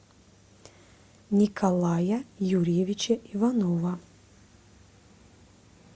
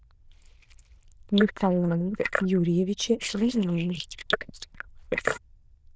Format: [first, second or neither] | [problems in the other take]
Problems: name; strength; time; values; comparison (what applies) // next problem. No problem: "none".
first | noise reduction (neural diffusion model UNIVERSE++)